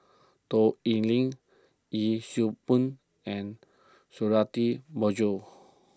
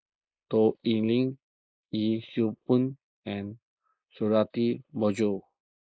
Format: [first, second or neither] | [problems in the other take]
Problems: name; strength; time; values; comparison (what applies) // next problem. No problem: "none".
first | noise reduction (neural mask model Resemble Enhance denoiser)